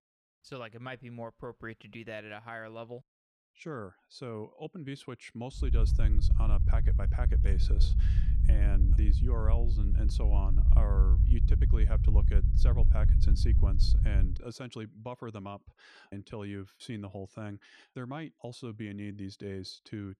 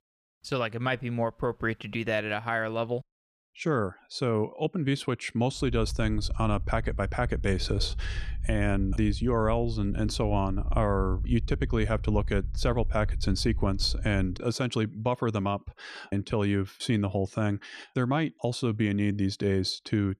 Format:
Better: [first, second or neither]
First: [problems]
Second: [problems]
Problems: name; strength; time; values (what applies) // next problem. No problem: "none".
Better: second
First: low rumble; loud; from 5.5 to 14 s; 4 dB below the speech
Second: low rumble; faint; from 5.5 to 14 s; 25 dB below the speech